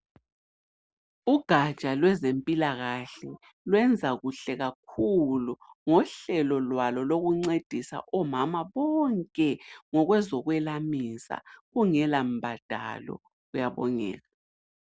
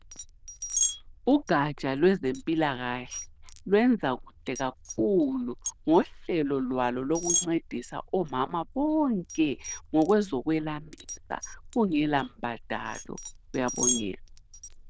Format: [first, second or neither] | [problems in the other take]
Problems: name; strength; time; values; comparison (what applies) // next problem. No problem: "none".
first | noise reduction (neural diffusion model UNIVERSE++)